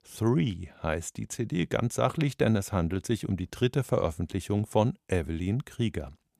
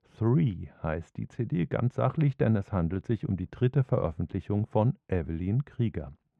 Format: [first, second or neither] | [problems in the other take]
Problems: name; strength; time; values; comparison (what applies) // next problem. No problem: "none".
first | muffled; very; fading above 2 kHz